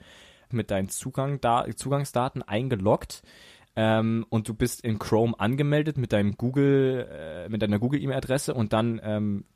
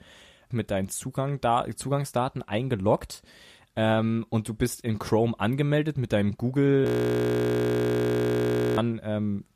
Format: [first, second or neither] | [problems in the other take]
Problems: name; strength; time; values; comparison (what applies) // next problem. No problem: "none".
first | audio freezing; at 7 s for 2 s